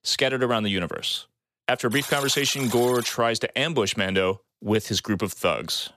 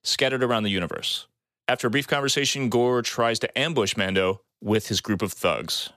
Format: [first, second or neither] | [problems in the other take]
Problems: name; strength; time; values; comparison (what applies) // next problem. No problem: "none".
second | alarm; noticeable; from 2 to 3 s; peak 7 dB below the speech